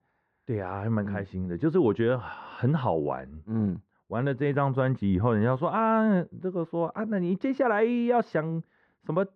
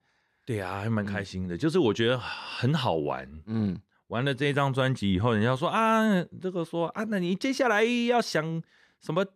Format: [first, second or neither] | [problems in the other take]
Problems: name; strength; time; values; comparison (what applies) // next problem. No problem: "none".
second | muffled; very; fading above 3.5 kHz